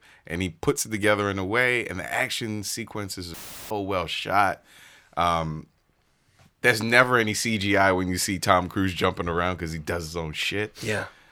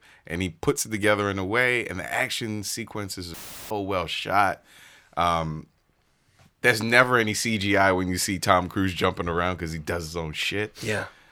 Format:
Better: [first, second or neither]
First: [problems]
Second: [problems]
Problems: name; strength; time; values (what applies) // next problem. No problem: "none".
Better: neither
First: audio cutting out; filled with static; at 3.5 s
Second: audio cutting out; filled with static; at 3.5 s